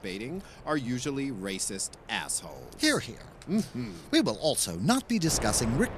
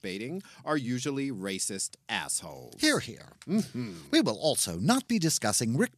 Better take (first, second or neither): second